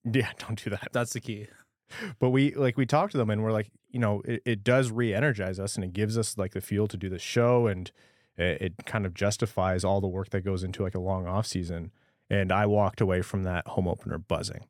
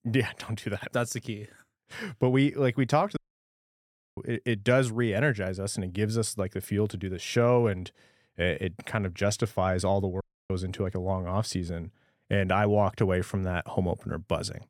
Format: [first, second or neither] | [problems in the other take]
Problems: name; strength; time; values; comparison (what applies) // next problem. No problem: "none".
first | audio cutting out; at 3 s for 1 s and at 10 s